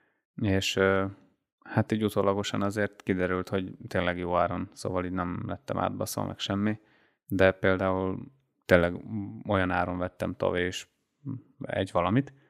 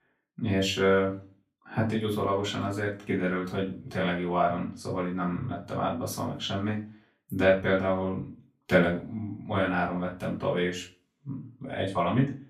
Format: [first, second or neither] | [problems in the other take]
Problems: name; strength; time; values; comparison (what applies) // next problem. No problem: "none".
first | off-mic speech; far // room echo; slight; dies away in 0.3 s